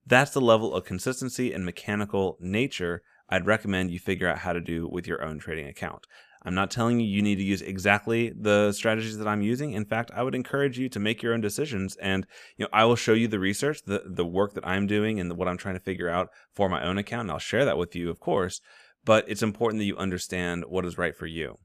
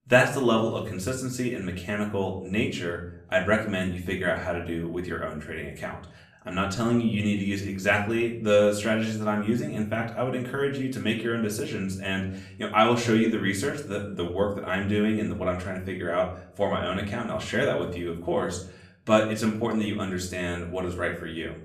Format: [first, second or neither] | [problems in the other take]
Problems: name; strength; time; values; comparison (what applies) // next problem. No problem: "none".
first | room echo; slight; dies away in 0.5 s // off-mic speech; far